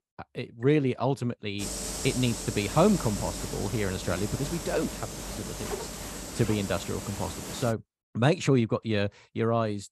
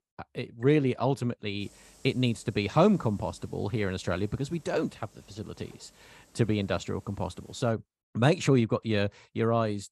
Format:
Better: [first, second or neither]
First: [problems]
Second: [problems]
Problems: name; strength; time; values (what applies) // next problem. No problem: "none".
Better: second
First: hiss; loud; from 1.5 to 7.5 s; 7 dB below the speech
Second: hiss; faint; from 1.5 to 7.5 s; 30 dB below the speech